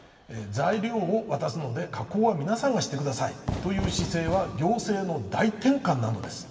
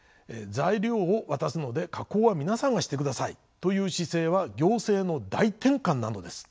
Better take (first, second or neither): second